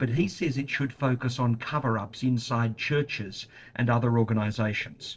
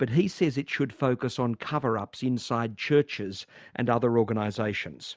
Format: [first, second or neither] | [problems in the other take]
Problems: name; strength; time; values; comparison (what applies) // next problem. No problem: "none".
second | noise reduction (neural separator model SepFormer DNS4)